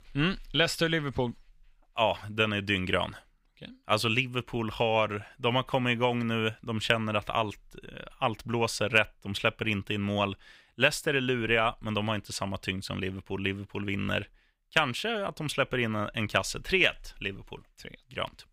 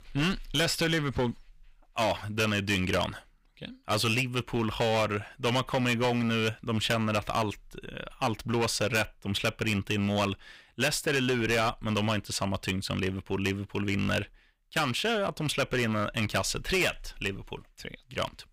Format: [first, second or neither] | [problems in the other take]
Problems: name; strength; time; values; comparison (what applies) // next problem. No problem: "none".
first | distortion; heavy; 10% of the sound clipped